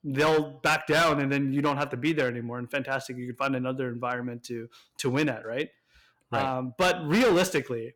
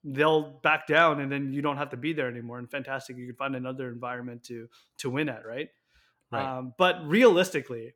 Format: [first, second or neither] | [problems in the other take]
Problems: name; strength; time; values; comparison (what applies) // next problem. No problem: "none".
second | distortion; heavy; 7% of the sound clipped